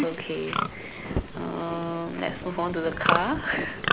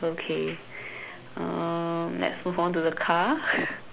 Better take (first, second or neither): second